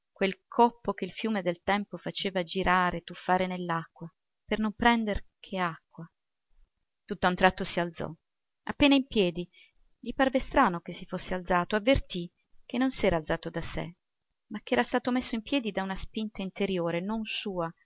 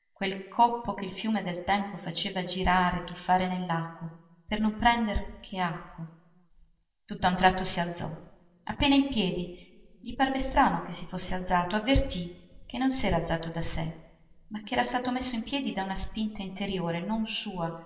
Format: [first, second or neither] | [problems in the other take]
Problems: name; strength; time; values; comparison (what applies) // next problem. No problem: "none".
first | room echo; dies away in 1.6 s